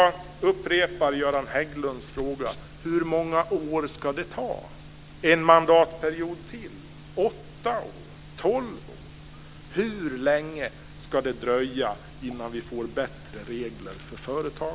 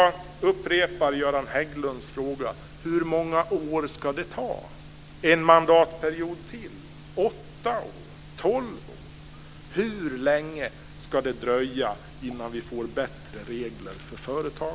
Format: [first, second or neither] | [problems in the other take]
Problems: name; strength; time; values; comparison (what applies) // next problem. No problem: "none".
second | background sound (Wild animals); 18 dB below the speech